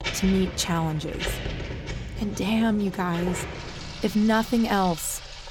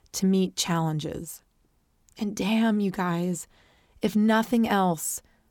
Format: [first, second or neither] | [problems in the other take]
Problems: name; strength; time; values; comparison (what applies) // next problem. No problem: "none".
second | household noises; loud; throughout; 9 dB below the speech